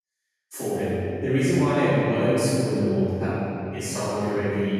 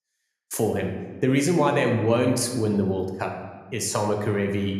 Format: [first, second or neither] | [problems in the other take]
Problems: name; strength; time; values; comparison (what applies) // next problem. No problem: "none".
second | room echo; strong; dies away in 3 s; slight in the second // off-mic speech; far